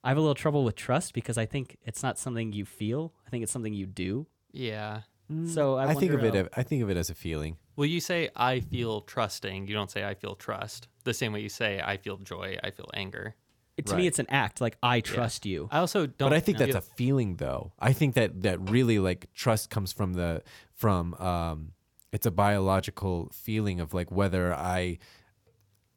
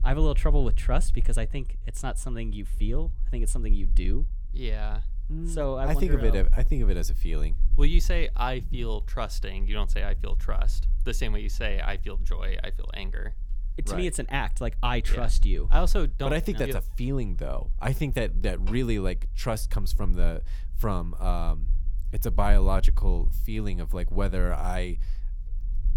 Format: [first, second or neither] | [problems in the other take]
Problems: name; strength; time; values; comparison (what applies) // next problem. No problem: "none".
first | low rumble; faint; throughout; 20 dB below the speech